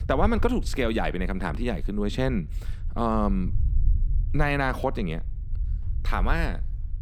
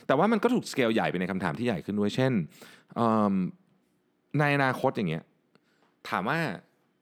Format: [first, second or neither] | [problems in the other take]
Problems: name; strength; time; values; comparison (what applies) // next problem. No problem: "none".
second | low rumble; faint; throughout; 25 dB below the speech